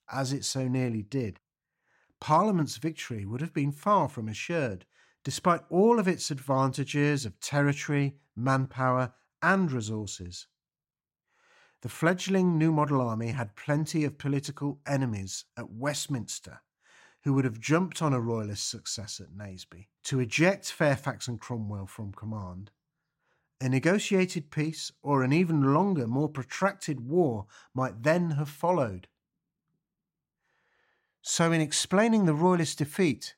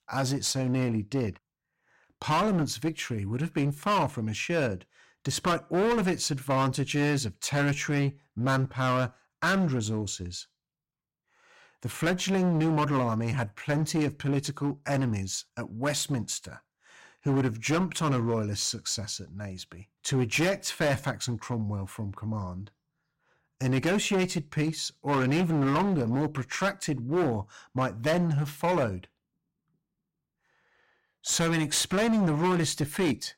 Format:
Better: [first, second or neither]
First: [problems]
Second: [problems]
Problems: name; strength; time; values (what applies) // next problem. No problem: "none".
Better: first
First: none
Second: distortion; heavy; 12% of the sound clipped